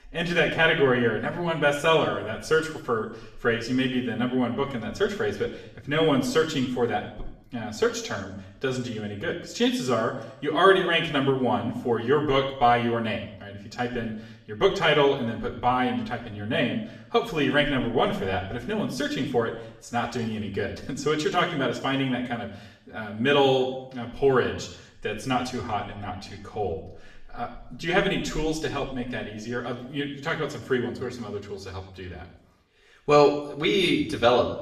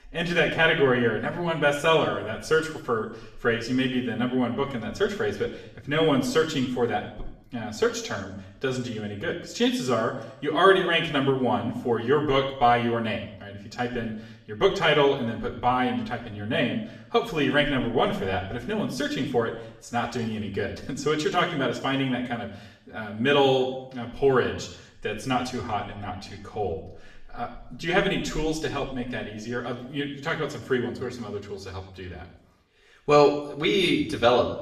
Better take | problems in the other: neither | room echo; slight; dies away in 0.7 s; the same in both // off-mic speech; far; the same in both

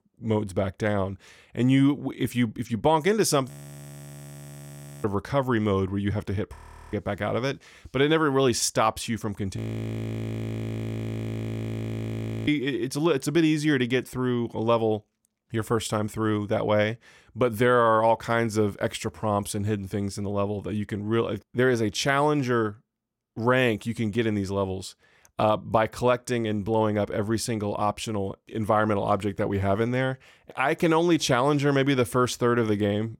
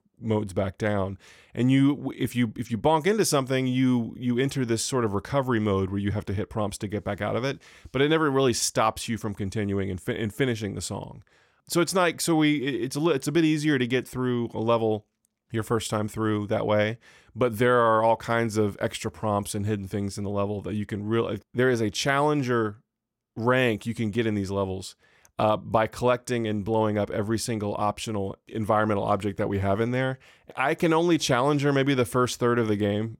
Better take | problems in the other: second | audio freezing; at 3.5 s for 1.5 s, at 6.5 s and at 9.5 s for 3 s

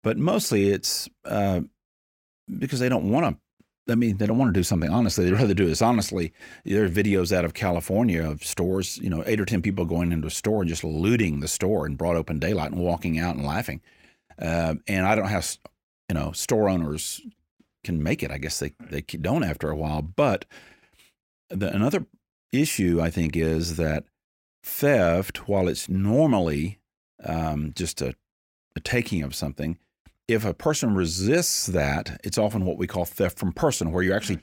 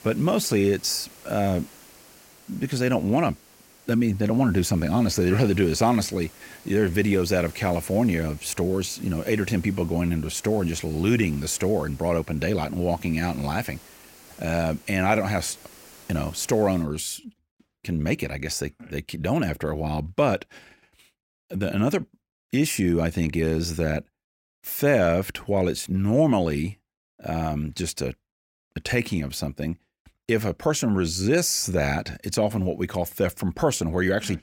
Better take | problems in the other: first | hiss; faint; until 17 s; 20 dB below the speech

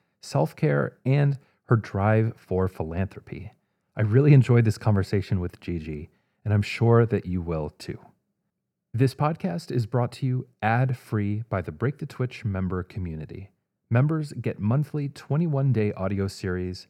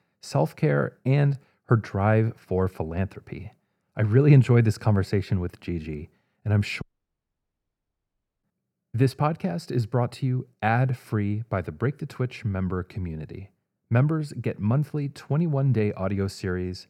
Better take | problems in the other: first | audio cutting out; at 7 s for 1.5 s

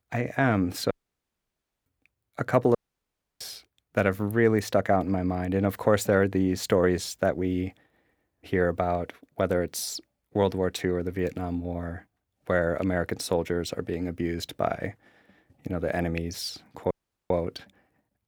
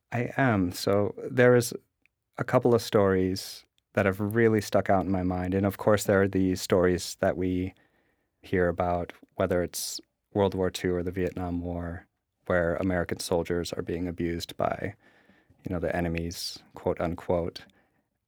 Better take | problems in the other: second | audio cutting out; at 1 s for 1 s, at 3 s for 0.5 s and at 17 s

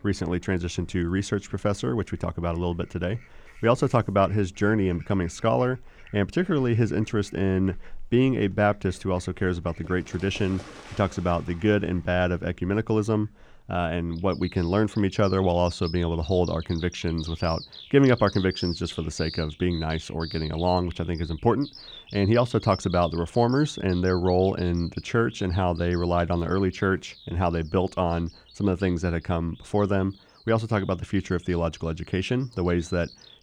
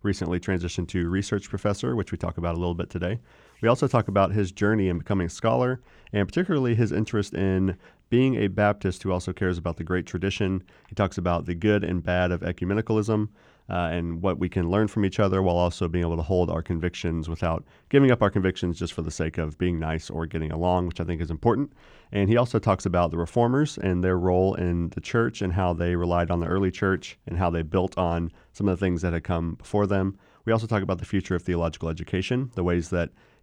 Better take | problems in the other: second | animal sounds; noticeable; throughout; 20 dB below the speech

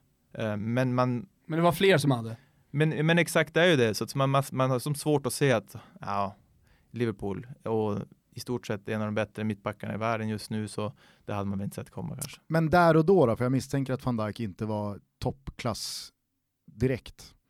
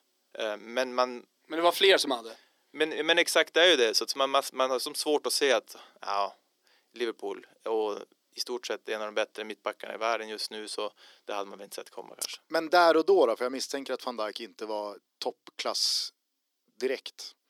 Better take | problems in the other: first | thin; very; fading below 350 Hz

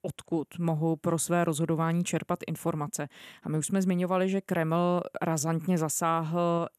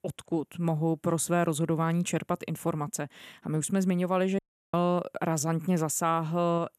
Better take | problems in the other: first | audio cutting out; at 4.5 s

